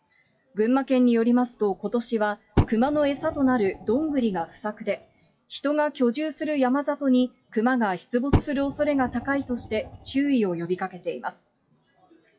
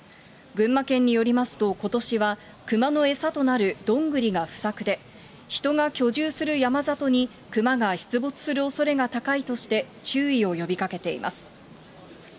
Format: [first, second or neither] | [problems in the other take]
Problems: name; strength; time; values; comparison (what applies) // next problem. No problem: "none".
second | noise reduction (classical method WPE with log-MMSE)